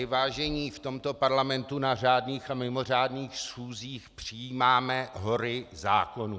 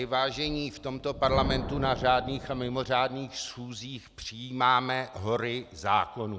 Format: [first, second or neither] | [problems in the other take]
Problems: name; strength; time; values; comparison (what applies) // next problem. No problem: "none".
first | background sound (Thunder); 11 dB below the speech